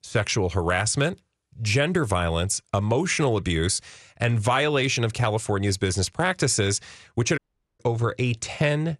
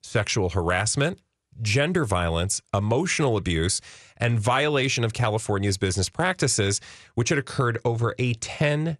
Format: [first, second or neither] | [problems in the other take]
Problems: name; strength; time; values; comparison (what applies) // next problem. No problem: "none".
second | audio cutting out; at 7.5 s